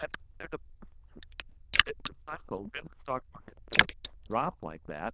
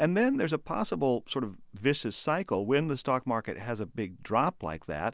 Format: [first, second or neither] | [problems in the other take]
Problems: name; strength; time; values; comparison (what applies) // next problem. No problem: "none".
second | noise reduction (neural diffusion model UNIVERSE++)